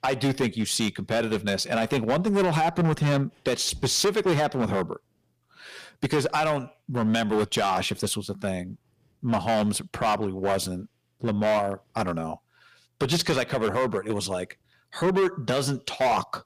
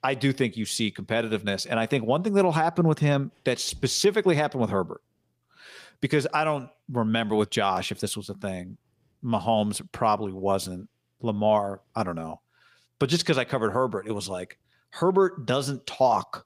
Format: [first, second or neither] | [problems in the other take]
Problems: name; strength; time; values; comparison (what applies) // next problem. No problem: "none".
second | distortion; heavy; 10% of the sound clipped